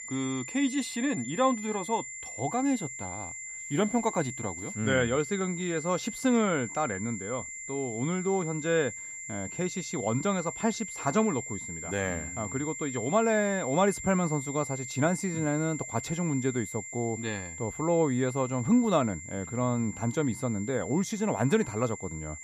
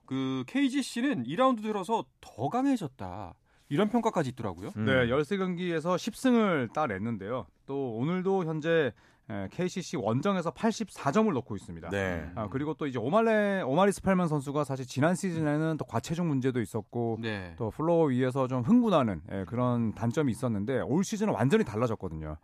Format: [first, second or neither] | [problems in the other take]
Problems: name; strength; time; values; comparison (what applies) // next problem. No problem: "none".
second | high-pitched whine; loud; throughout; 7.5 kHz, 8 dB below the speech